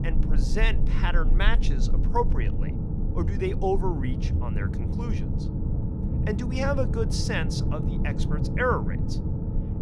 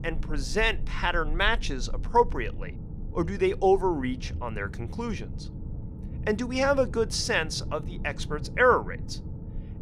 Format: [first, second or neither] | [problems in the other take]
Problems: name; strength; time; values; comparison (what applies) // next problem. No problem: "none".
second | low rumble; loud; throughout; 8 dB below the speech; faint in the second